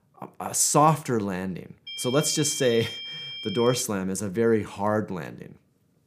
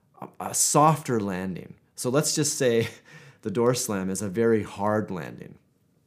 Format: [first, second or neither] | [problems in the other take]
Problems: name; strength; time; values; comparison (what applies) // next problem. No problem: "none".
second | high-pitched whine; loud; from 2 to 4 s; 3 kHz, 10 dB below the speech